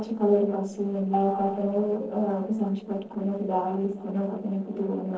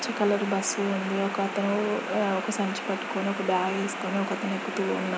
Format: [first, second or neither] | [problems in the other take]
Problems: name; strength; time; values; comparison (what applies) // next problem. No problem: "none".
second | noise reduction (neural separator model SepFormer DNS4)